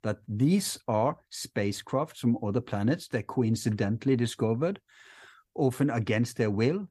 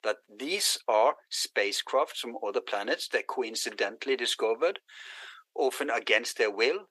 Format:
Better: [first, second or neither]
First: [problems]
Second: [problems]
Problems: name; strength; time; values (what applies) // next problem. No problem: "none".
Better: first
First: none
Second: thin; very; fading below 400 Hz